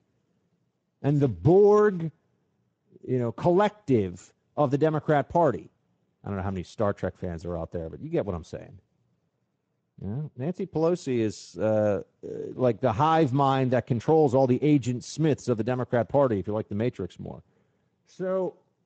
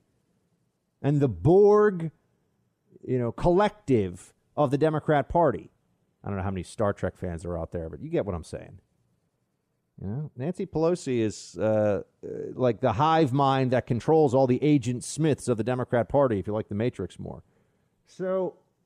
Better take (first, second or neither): second